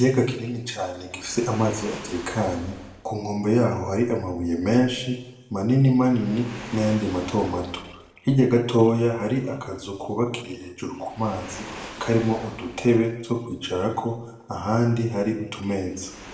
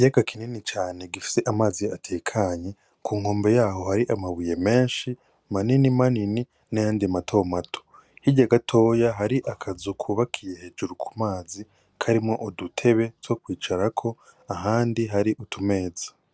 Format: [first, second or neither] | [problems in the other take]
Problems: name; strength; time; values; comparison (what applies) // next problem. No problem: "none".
second | background sound (Waves, surf); 19 dB below the speech // room echo; dies away in 0.9 s